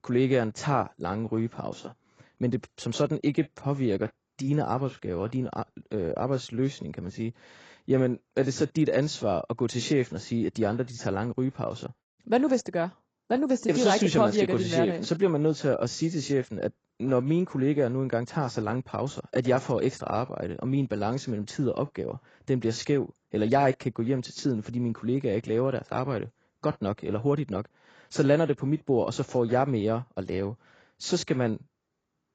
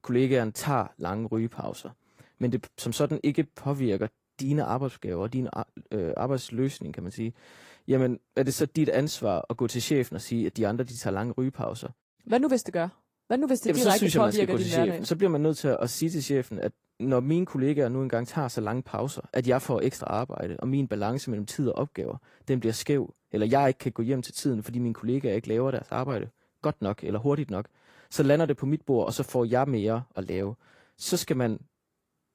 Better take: second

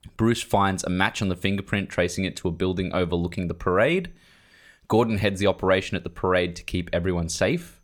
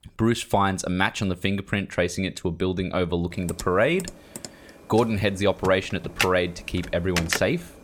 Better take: first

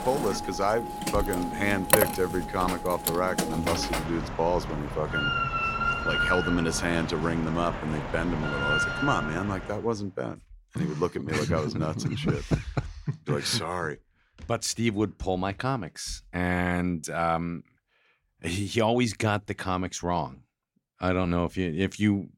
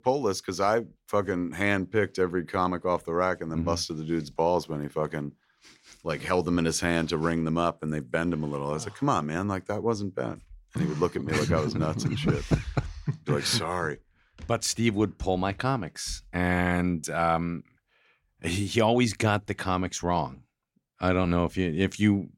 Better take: second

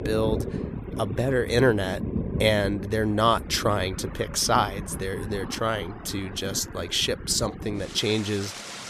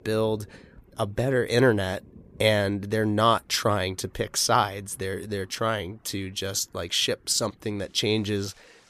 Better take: second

